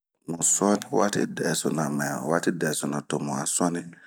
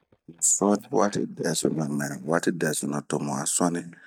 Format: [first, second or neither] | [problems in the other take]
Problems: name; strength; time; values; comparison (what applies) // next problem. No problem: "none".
first | noise reduction (neural mask model DeepFilterNet 3)